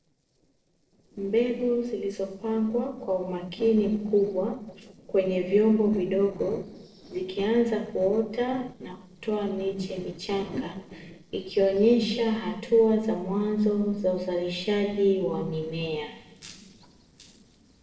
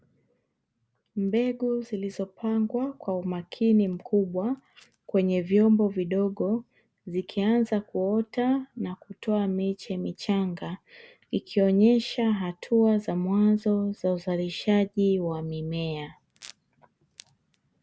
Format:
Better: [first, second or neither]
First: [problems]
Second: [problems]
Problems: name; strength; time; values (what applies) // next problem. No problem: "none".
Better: second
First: noise reduction (neural separator model SepFormer DNS4)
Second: none